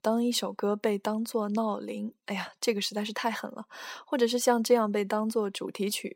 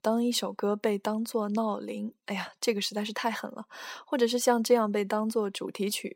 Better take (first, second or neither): neither